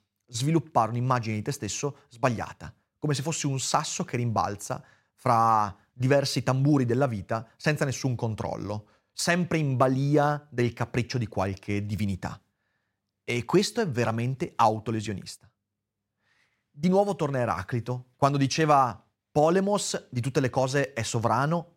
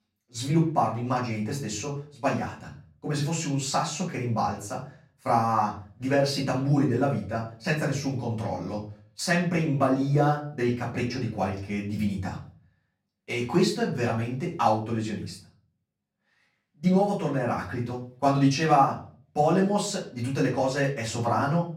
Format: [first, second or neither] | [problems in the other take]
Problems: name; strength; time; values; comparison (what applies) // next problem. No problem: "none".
first | off-mic speech; far // room echo; slight; dies away in 0.4 s